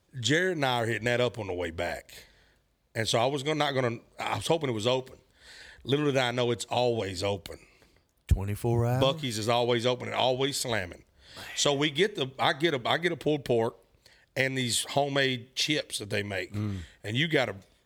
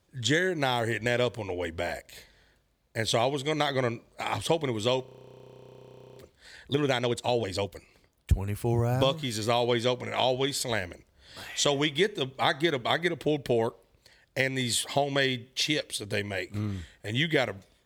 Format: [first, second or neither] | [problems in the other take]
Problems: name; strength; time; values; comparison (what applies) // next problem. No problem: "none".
first | audio freezing; at 5 s for 1 s